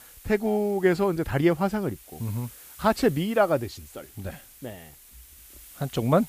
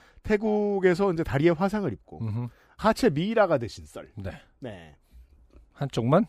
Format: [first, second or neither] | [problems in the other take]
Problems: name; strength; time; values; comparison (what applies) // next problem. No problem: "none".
second | hiss; faint; throughout; 20 dB below the speech